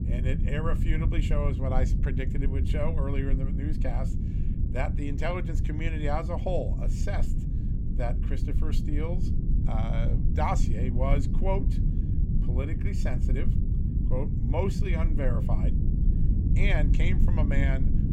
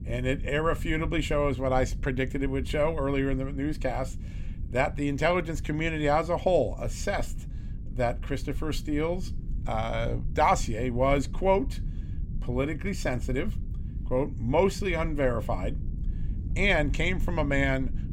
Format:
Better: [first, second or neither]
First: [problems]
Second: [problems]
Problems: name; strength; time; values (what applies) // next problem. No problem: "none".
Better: second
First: low rumble; loud; throughout; 6 dB below the speech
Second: low rumble; faint; throughout; 20 dB below the speech